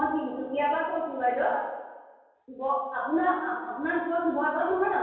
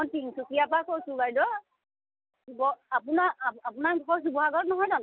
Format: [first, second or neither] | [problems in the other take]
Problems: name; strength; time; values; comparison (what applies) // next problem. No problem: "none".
second | room echo; dies away in 1.2 s